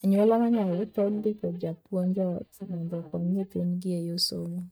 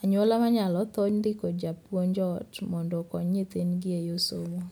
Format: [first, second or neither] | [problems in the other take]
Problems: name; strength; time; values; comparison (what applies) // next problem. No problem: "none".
second | noise reduction (neural mask model DeepFilterNet 3)